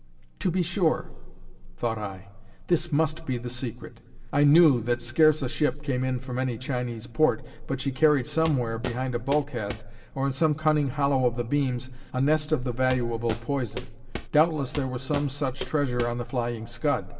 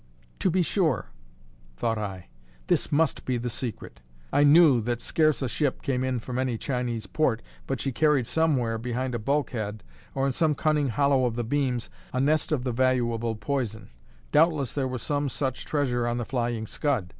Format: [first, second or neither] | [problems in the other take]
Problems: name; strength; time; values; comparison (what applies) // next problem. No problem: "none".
second | background sound (Walk, footsteps); 12 dB below the speech // room echo; dies away in 0.6 s